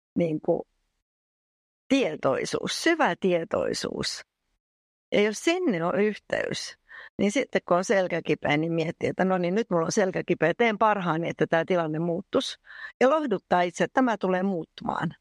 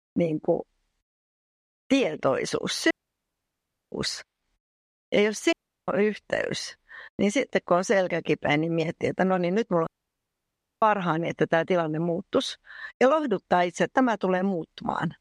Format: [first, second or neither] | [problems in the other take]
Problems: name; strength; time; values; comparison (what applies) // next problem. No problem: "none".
first | audio cutting out; at 3 s for 1 s, at 5.5 s and at 10 s for 1 s